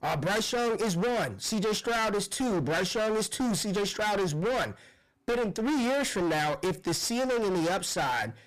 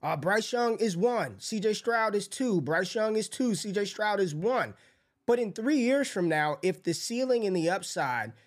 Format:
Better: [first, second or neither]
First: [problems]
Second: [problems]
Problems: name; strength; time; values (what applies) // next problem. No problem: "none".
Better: second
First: distortion; heavy; 37% of the sound clipped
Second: none